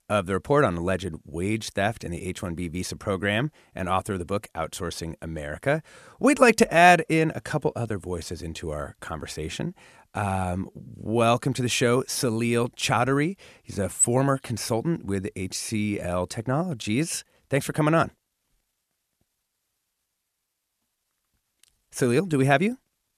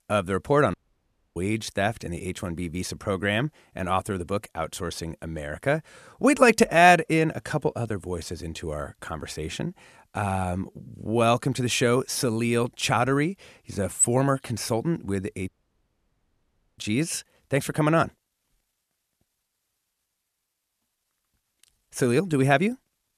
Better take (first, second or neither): first